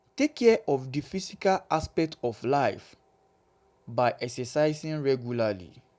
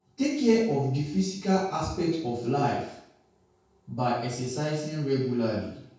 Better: first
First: none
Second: room echo; dies away in 0.6 s

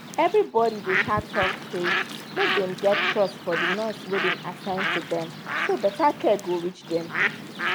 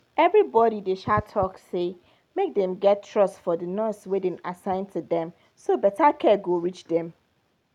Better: second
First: background sound (Bird); 3 dB below the speech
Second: none

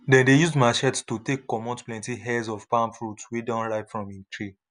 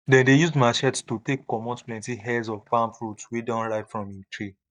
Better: first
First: none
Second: noise reduction (neural mask model DeepFilterNet 3)

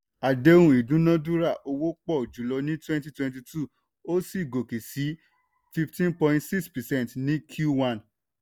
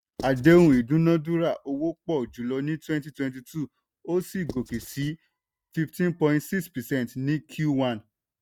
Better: first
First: none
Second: noise reduction (neural mask model RNNoise)

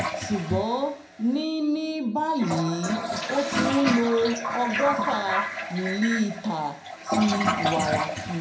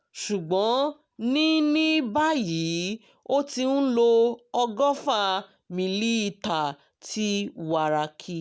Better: second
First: background sound (Toilet flush); 3 dB below the speech // room echo; dies away in 0.4 s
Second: none

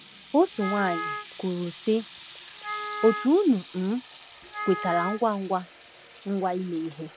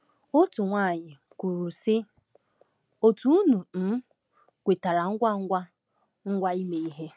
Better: second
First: background sound (Wind instrument, woodwind instrument + Sink (filling or washing) / Water tap, faucet); 10 dB below the speech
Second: none

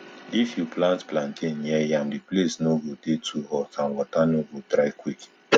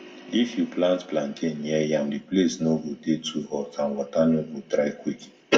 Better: first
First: none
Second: room echo; dies away in 0.6 s

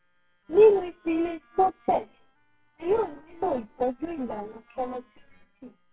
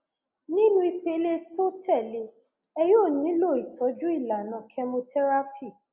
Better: second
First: noise reduction (neural separator model SepFormer WHAMR!)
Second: none

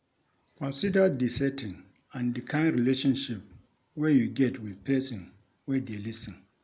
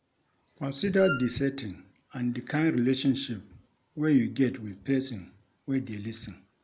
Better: first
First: none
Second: background sound (Wind instrument, woodwind instrument); 7 dB below the speech

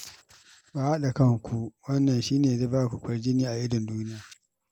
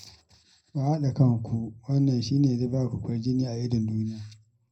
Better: first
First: none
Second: room echo; dies away in 0.4 s

